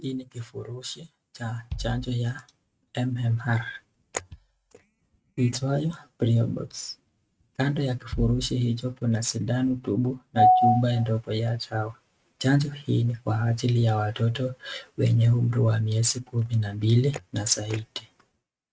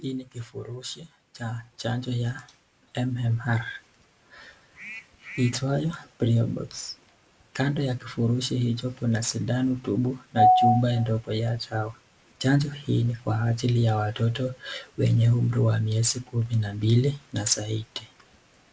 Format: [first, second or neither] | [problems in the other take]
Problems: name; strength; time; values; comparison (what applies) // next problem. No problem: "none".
second | noise reduction (neural mask model RNNoise)